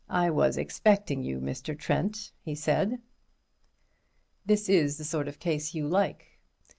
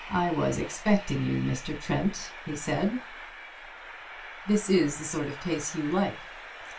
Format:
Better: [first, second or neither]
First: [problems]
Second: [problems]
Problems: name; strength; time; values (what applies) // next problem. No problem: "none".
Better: first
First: none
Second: background sound (Train); 14 dB below the speech // room echo; dies away in 0.2 s